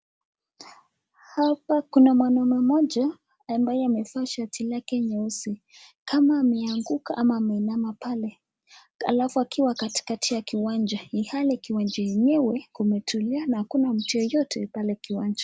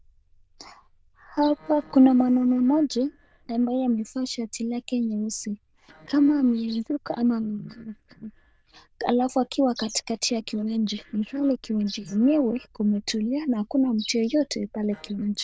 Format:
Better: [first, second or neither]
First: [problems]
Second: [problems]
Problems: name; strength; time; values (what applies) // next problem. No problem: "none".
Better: first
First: none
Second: noise reduction (neural diffusion model UNIVERSE++)